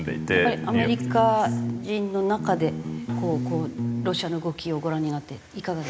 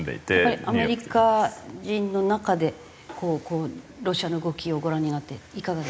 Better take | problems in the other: second | background sound (Bass guitar); 3 dB below the speech

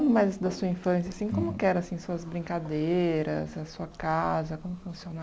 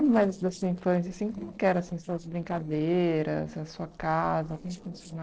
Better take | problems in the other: first | noise reduction (neural separator model SepFormer DNS4)

